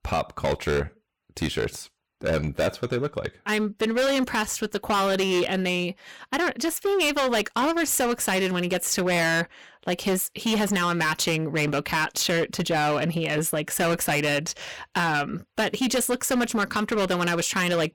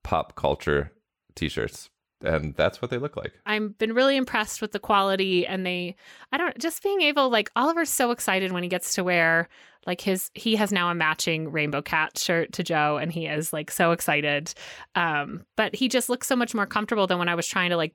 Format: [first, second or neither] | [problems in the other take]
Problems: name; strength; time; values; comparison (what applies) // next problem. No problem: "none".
second | distortion; heavy; 15% of the sound clipped